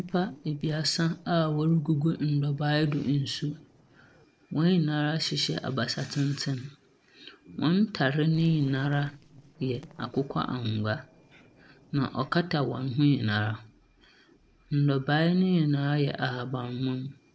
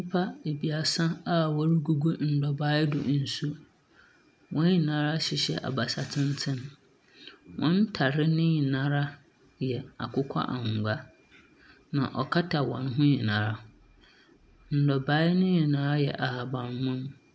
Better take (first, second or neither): second